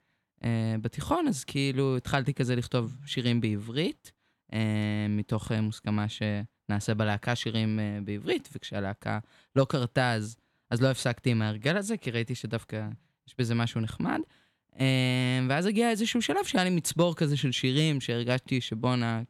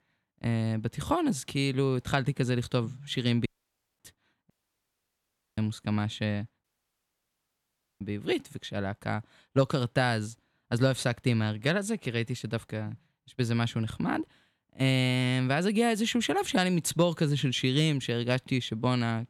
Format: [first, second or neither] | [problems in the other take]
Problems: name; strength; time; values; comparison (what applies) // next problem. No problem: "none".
first | audio cutting out; at 3.5 s for 0.5 s, at 4.5 s for 1 s and at 6.5 s for 1.5 s